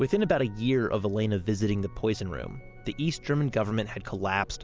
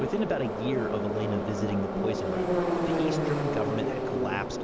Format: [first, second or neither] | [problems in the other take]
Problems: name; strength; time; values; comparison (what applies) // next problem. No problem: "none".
first | background sound (Subway, metro, underground); 4 dB above the speech